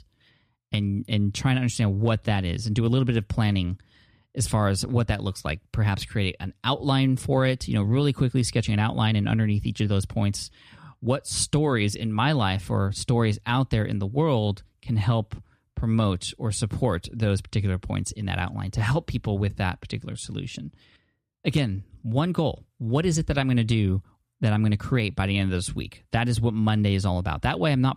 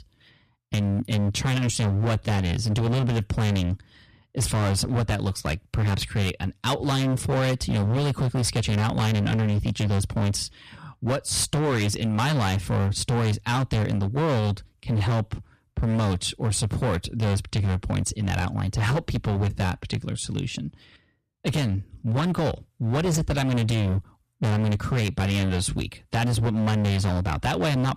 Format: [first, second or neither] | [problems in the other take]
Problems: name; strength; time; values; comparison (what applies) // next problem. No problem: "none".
first | distortion; heavy; 25% of the sound clipped